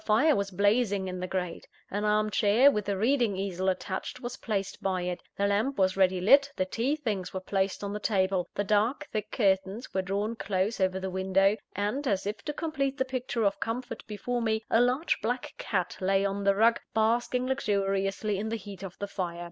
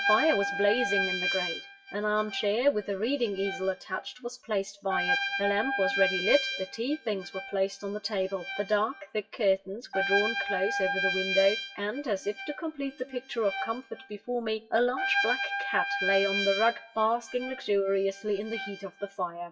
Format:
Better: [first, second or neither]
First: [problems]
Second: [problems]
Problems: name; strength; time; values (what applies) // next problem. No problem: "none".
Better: first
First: none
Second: noise reduction (classical method WPE with log-MMSE)